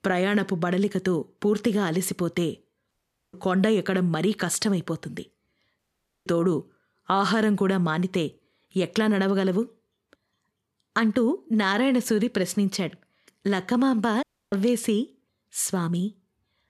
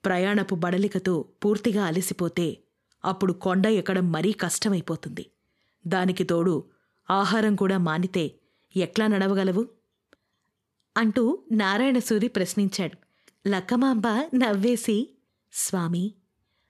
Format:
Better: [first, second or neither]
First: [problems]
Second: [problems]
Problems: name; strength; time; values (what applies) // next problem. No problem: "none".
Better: second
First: audio cutting out; at 3 s, at 6 s and at 14 s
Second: none